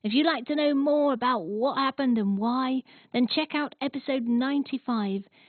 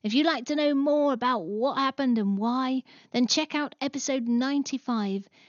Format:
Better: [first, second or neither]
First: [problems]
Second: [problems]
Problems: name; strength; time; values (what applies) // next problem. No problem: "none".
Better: second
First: garbled, watery; badly; nothing above 4 kHz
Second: garbled, watery; slightly; nothing above 6.5 kHz